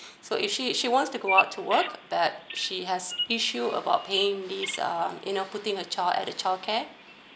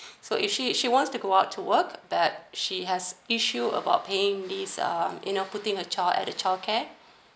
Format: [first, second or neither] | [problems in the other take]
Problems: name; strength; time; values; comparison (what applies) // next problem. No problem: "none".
second | background sound (Bird vocalization, bird call, bird song); 8 dB below the speech